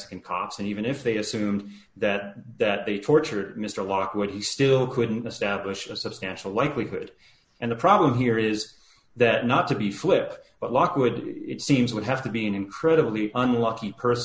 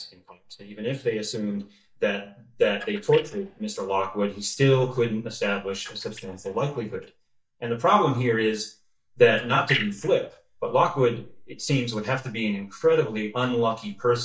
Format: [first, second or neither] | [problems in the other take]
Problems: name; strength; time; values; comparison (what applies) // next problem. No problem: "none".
first | noise reduction (neural mask model DeepFilterNet 3)